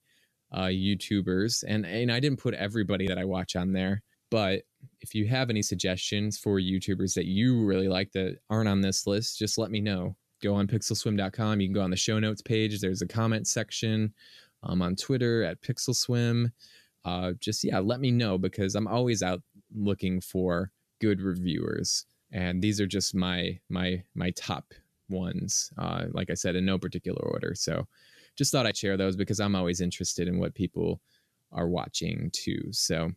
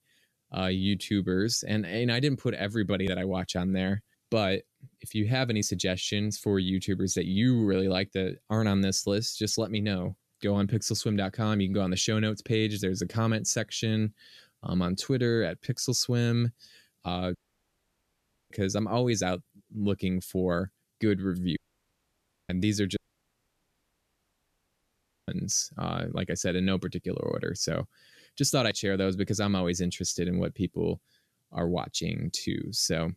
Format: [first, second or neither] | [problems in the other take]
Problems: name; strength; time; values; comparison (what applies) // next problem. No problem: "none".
first | audio cutting out; at 17 s for 1 s, at 22 s for 1 s and at 23 s for 2.5 s